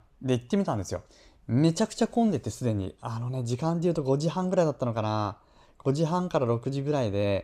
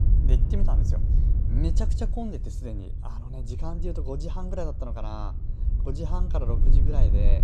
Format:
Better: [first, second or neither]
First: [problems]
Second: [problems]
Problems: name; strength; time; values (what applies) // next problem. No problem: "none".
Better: first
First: none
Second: wind noise on the microphone; heavy; 6 dB below the speech